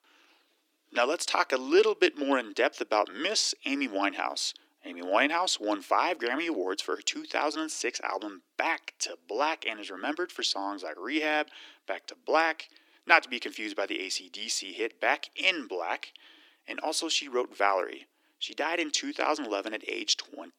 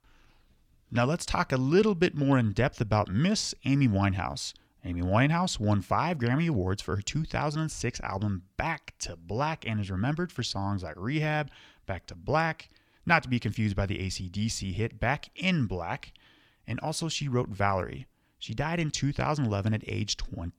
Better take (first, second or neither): second